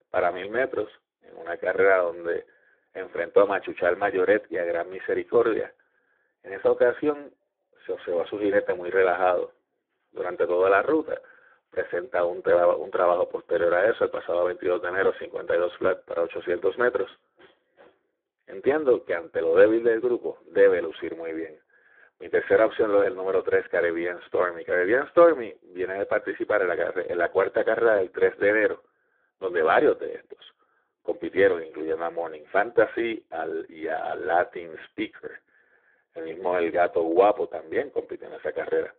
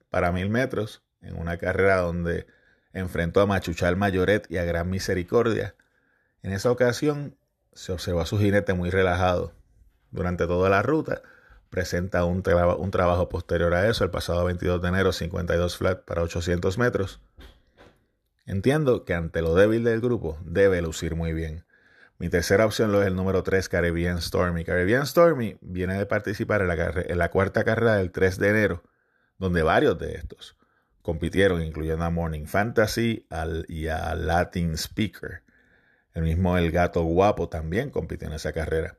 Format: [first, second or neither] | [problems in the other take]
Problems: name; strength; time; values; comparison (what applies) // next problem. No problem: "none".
second | phone-call audio; poor line